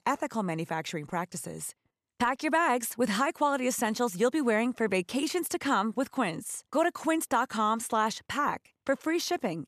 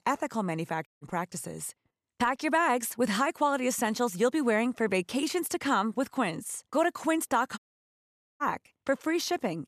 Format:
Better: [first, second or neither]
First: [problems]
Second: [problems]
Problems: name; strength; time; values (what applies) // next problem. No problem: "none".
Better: first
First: none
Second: audio cutting out; at 1 s and at 7.5 s for 1 s